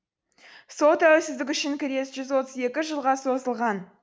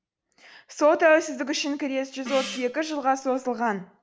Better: first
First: none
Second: background sound (Gong); 14 dB below the speech

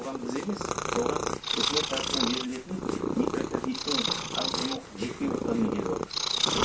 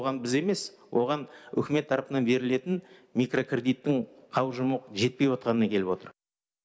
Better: second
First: background sound (Purr); 4 dB above the speech // room echo; dies away in 0.2 s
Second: none

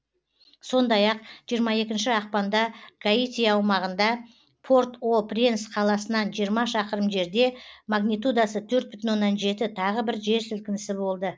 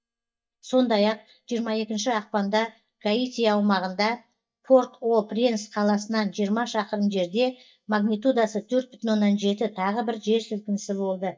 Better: first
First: none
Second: noise reduction (neural mask model DeepFilterNet 3)

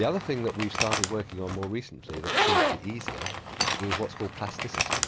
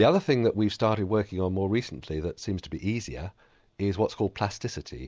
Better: second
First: background sound (Zipper (clothing)); 3 dB above the speech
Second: none

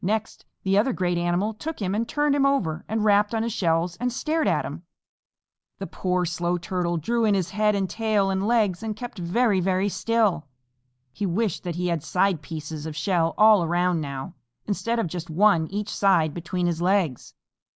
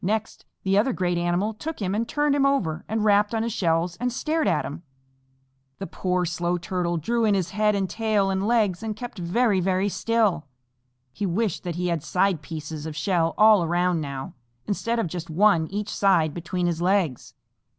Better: second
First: noise reduction (neural mask model Resemble Enhance denoiser)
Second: none

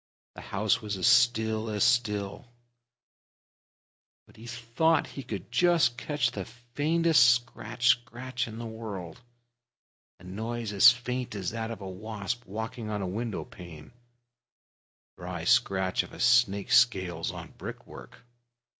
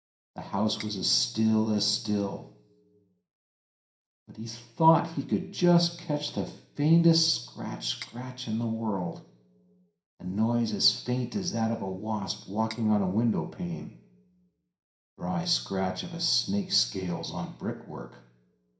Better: first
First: none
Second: background sound (Cutlery, silverware); 18 dB below the speech // room echo; dies away in 0.5 s

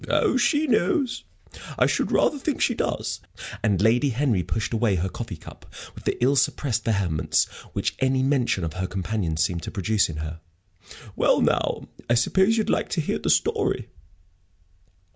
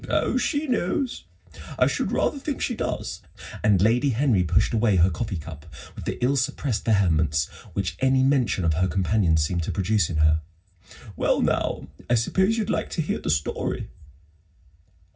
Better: first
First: none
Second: room echo; dies away in 0.4 s

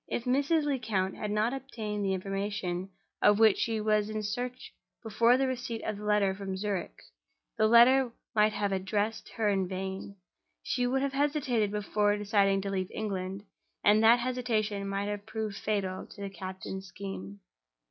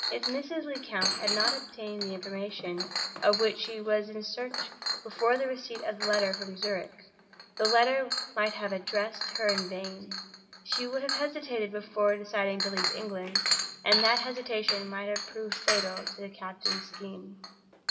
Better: first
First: none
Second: background sound (Chink, clink); 3 dB below the speech // room echo; dies away in 1.8 s

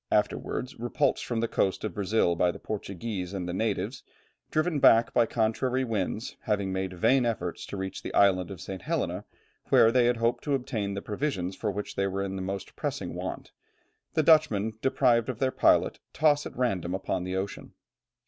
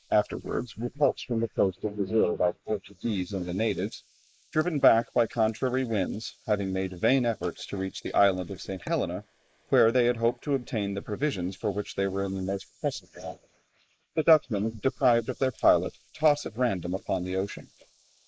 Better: first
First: none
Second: noise reduction (neural mask model Resemble Enhance denoiser)

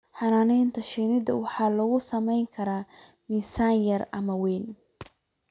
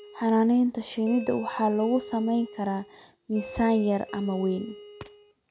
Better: first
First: none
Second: background sound (Doorbell); 17 dB below the speech

